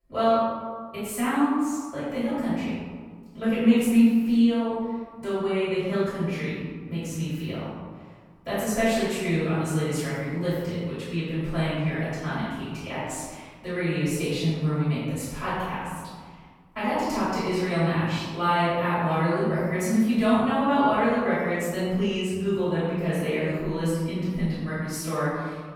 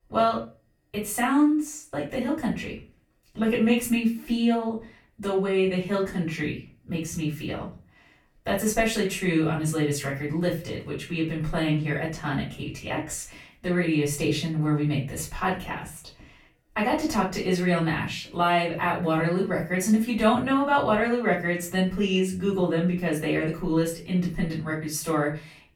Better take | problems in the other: second | room echo; strong; dies away in 1.5 s; slight in the second // off-mic speech; far; far in the second

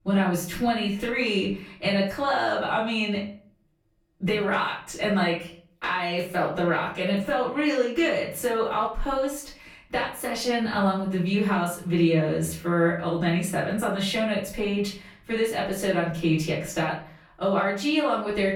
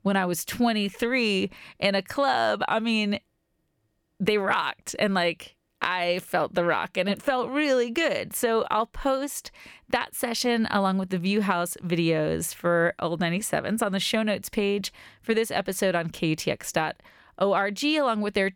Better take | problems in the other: second | room echo; noticeable; dies away in 0.4 s // off-mic speech; far

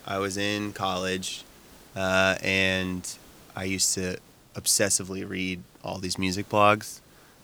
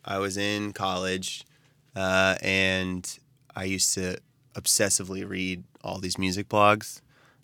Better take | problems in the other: second | hiss; faint; throughout; 25 dB below the speech

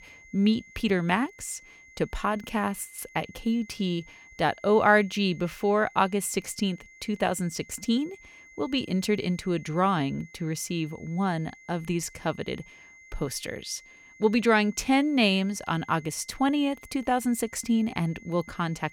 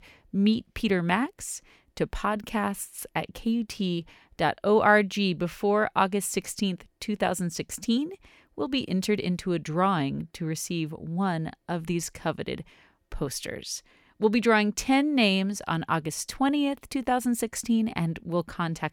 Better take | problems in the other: second | high-pitched whine; faint; throughout; 2 kHz, 25 dB below the speech

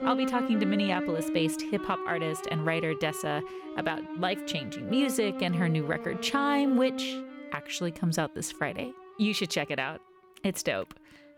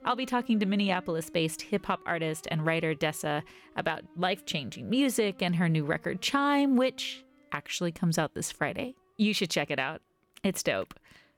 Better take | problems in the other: second | background music; loud; throughout; 6 dB below the speech; faint in the second

